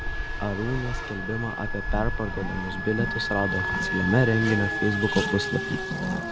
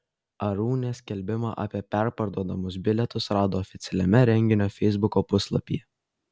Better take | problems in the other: second | background sound (Wind instrument, woodwind instrument + Race car, auto racing); 1 dB below the speech

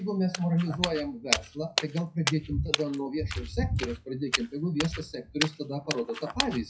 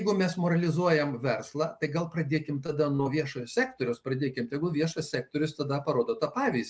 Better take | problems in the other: second | noise reduction (classical method WPE with log-MMSE)

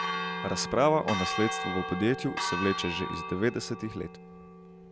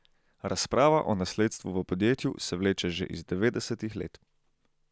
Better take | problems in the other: second | background sound (Church bell); 5 dB below the speech

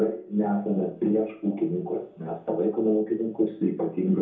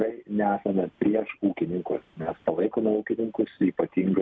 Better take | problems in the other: second | room echo; dies away in 0.6 s

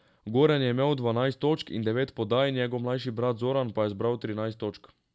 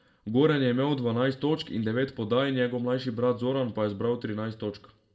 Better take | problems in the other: first | room echo; dies away in 0.4 s

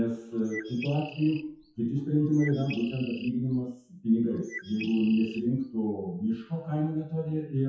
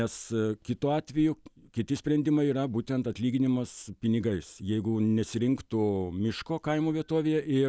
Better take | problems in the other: second | noise reduction (classical method WPE with log-MMSE)

